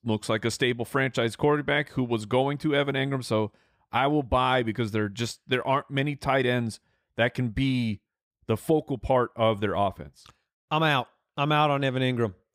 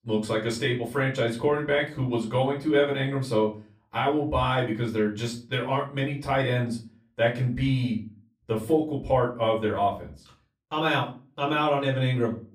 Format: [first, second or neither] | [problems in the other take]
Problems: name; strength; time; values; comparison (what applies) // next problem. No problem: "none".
first | off-mic speech; far // room echo; very slight; dies away in 0.3 s